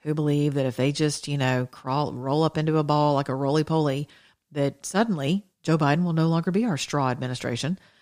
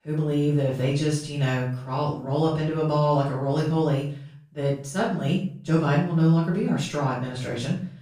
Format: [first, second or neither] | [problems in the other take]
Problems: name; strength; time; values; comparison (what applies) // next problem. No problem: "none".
first | off-mic speech; far // room echo; noticeable; dies away in 0.5 s